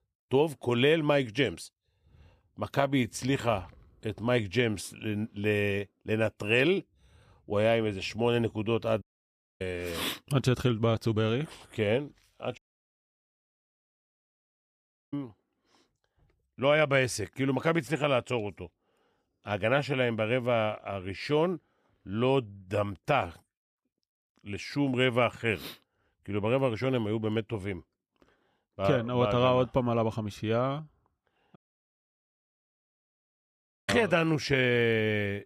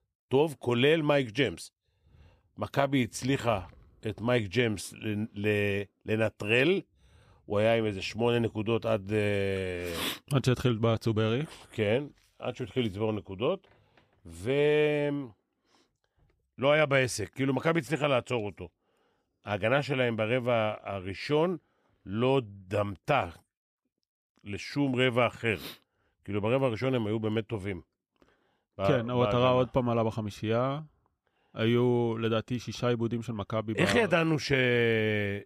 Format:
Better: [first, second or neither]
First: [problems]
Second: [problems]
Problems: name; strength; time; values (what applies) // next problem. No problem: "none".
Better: second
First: audio cutting out; at 9 s for 0.5 s, at 13 s for 2.5 s and at 32 s for 2.5 s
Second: none